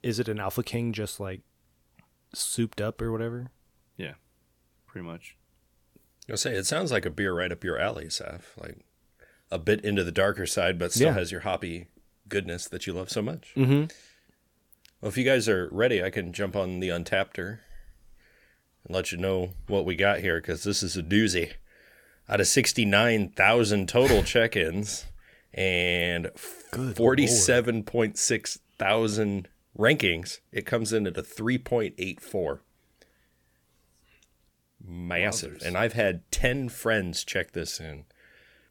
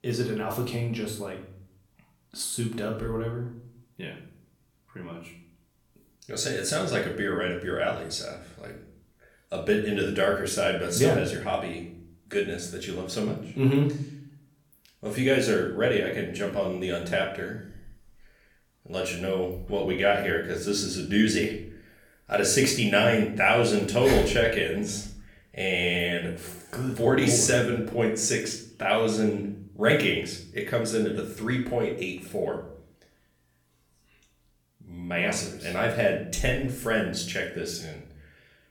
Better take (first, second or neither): first